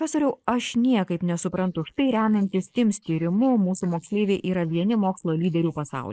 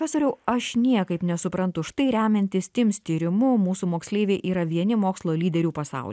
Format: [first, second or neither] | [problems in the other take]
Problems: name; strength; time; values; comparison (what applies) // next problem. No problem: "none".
second | noise reduction (neural mask model Resemble Enhance denoiser)